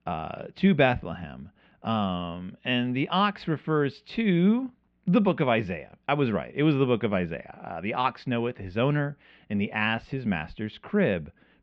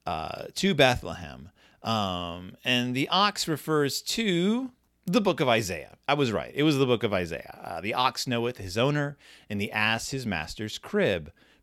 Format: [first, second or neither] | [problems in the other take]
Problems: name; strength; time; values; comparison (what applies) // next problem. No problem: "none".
second | muffled; very; fading above 3 kHz